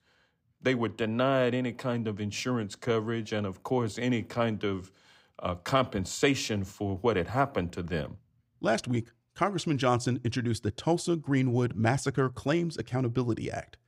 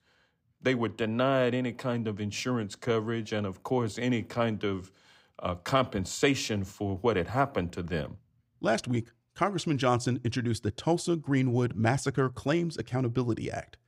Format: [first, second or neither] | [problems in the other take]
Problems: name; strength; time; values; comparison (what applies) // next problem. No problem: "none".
neither | none